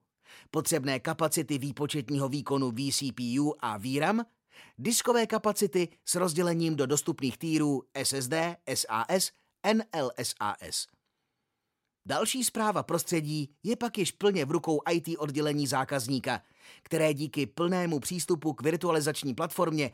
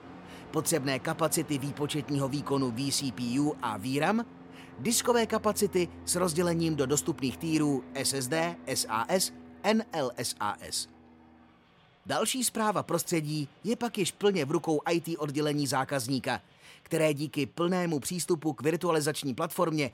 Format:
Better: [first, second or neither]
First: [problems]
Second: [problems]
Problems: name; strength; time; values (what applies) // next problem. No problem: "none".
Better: first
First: none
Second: train or aircraft noise; noticeable; throughout; 20 dB below the speech